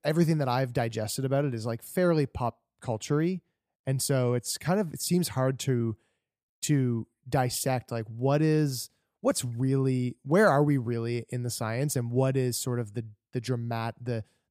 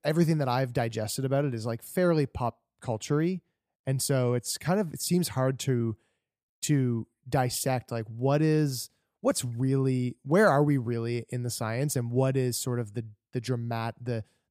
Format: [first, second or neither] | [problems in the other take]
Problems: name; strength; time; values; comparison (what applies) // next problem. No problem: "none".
neither | none